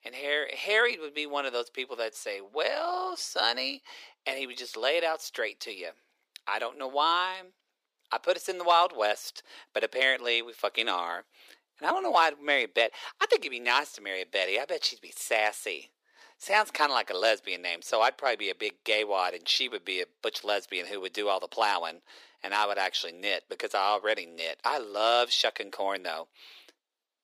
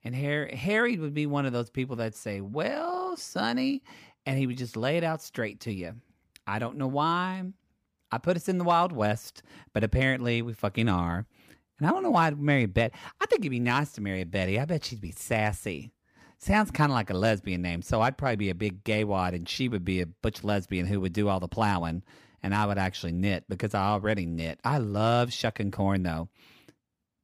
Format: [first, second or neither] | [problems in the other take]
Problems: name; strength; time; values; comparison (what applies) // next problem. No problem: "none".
second | thin; very; fading below 400 Hz